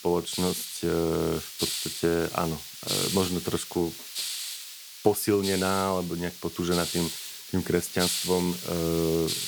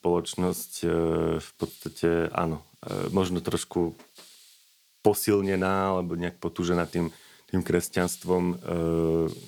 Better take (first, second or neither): second